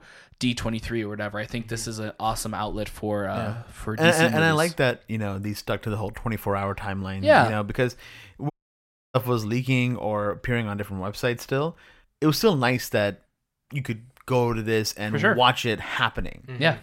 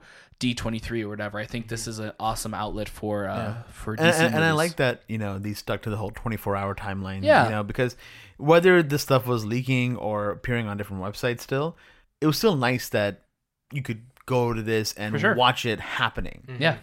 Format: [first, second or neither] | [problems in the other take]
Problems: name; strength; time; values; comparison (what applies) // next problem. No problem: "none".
second | audio cutting out; at 8.5 s for 0.5 s